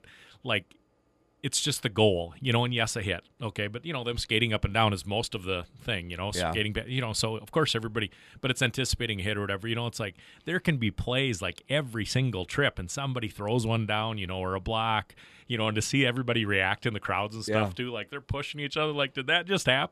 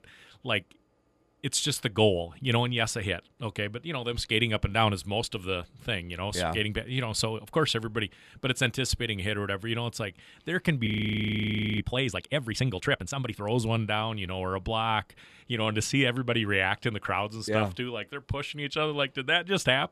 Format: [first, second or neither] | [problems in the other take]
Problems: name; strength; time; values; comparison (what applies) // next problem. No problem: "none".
first | audio freezing; at 11 s for 1 s